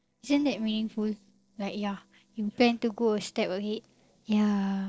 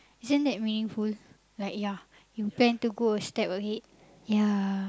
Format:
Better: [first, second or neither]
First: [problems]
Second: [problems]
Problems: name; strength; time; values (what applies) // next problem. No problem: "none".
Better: second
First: noise reduction (neural separator model SepFormer DNS4)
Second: none